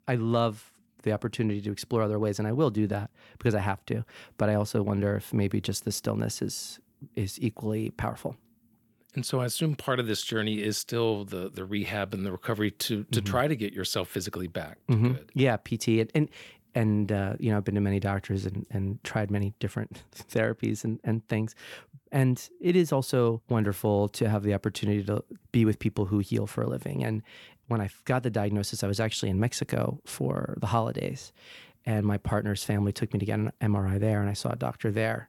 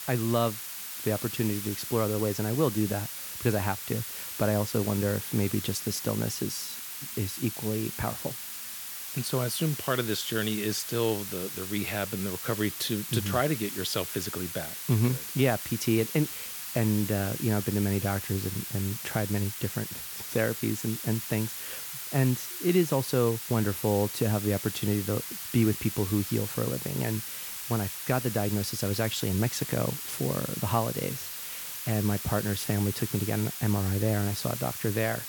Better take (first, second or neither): first